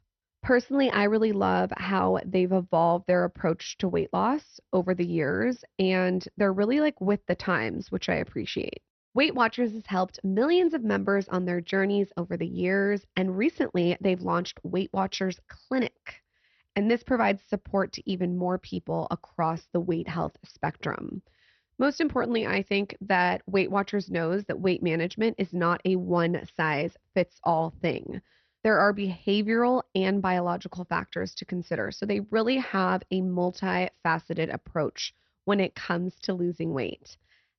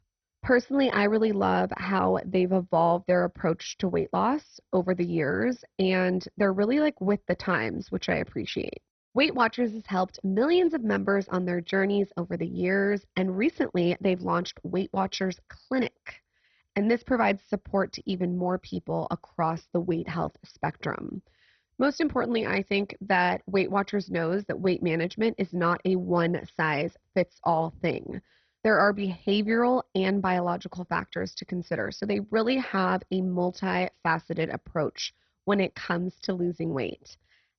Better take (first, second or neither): first